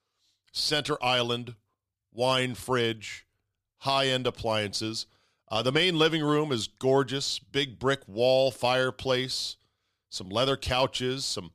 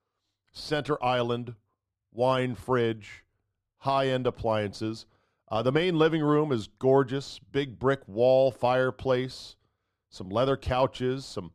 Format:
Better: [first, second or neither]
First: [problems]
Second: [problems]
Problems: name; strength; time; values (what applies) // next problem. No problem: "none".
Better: first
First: none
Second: muffled; slightly; fading above 2 kHz